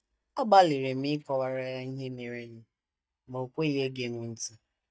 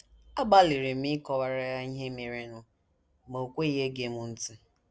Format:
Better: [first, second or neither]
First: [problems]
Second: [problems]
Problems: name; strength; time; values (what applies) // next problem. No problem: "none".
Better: second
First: noise reduction (neural mask model DeepFilterNet 3)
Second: none